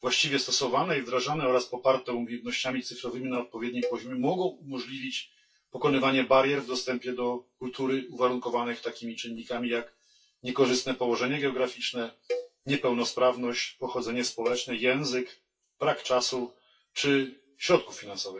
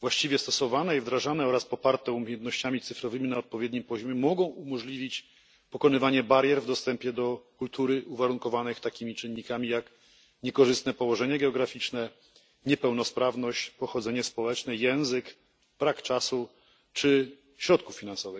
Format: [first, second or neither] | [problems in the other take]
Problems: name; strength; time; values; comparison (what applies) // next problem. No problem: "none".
second | noise reduction (classical method WPE with log-MMSE)